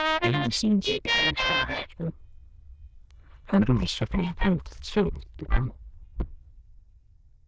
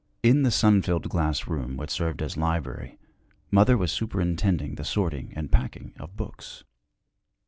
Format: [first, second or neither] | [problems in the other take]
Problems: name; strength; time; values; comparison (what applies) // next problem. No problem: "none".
second | noise reduction (neural diffusion model UNIVERSE++)